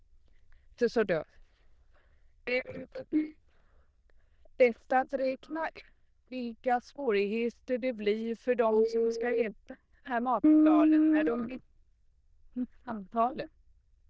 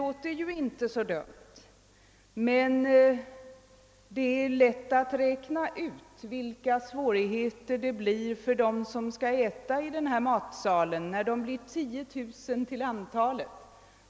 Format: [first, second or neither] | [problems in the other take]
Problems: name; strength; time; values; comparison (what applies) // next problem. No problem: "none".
second | noise reduction (neural diffusion model UNIVERSE++)